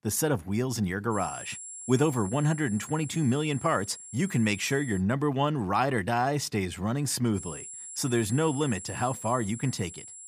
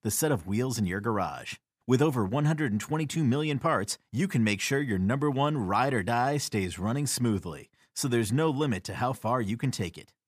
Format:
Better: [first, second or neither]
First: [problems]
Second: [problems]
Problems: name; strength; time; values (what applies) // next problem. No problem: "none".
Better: second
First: high-pitched whine; noticeable; from 1 to 5 s and from 7.5 s on; 7.5 kHz, 10 dB below the speech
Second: none